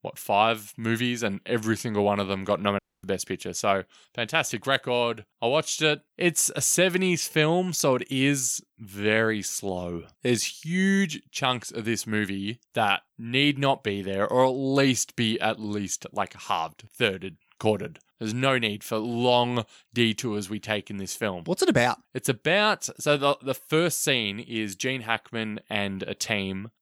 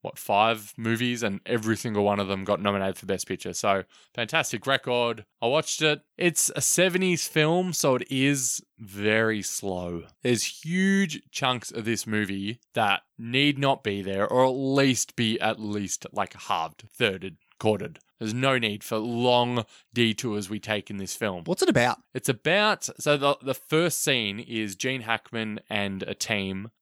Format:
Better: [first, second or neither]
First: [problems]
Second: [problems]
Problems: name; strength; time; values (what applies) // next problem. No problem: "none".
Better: second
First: audio cutting out; at 3 s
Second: none